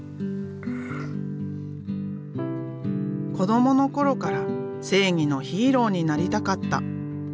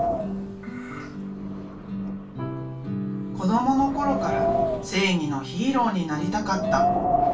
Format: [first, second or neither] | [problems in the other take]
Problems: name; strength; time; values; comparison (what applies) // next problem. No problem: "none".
first | background sound (Wind); 2 dB below the speech // room echo; dies away in 0.2 s